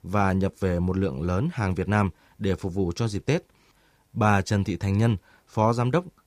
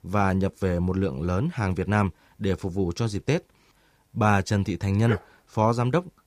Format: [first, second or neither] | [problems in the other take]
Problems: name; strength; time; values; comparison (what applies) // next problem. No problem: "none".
first | dog barking; noticeable; at 5 s; peak 8 dB below the speech